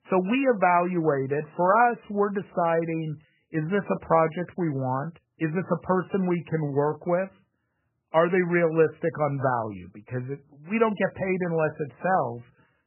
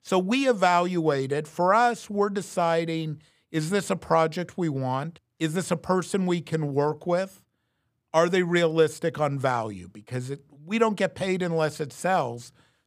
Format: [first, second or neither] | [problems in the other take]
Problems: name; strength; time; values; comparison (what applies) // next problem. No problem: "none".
second | garbled, watery; badly; nothing above 3 kHz